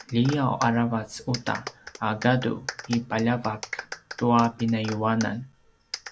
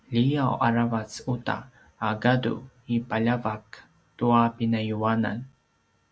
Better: second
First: background sound (Clapping); 14 dB below the speech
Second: none

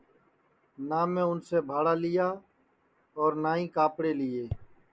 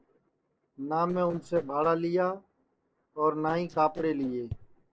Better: first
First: none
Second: noise reduction (neural separator model SepFormer DNS4)

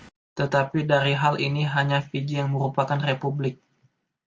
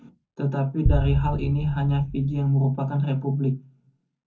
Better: first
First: none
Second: background sound (Boom); 4 dB below the speech // room echo; dies away in 0.3 s

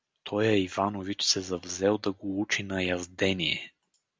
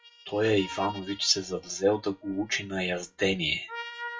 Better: first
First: none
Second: noise reduction (classical method WPE with log-MMSE)

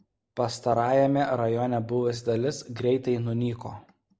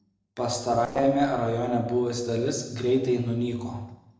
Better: first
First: none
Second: noise reduction (neural separator model SepFormer DNS4)

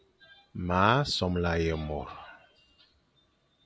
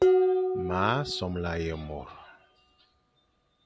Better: first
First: none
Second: background sound (Dishes, pots, and pans); 4 dB above the speech

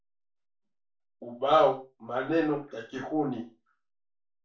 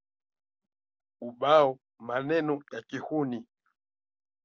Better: second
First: room echo; dies away in 0.3 s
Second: none

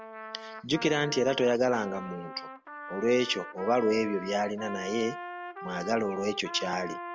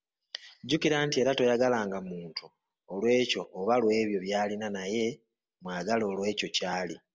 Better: second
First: background sound (Trumpet); 11 dB below the speech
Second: none

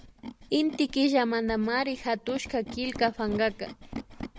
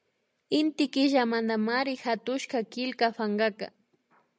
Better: second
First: background sound (Tools); 14 dB below the speech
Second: none

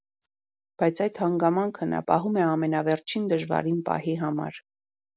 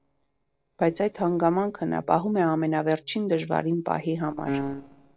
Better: first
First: none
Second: noise reduction (neural separator model SepFormer DNS4)

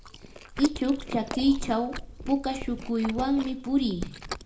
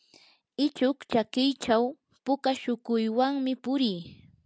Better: second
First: background sound (Chewing, mastication); 10 dB below the speech // room echo; dies away in 0.4 s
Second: none

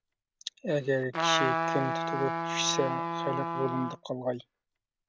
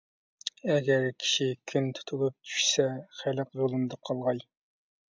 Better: second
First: background sound (Trumpet); as loud as the speech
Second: none

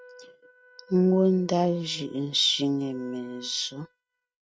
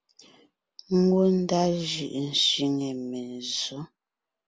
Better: second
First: noise reduction (neural mask model RNNoise)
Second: none

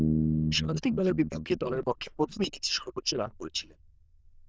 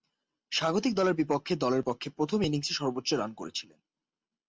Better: second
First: noise reduction (neural diffusion model UNIVERSE++)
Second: none

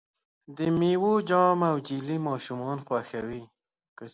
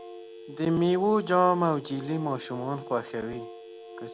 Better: first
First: none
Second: background sound (Organ + Telephone); 15 dB below the speech

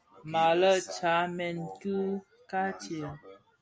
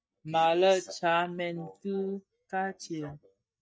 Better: first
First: none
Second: noise reduction (neural mask model DeepFilterNet 3)

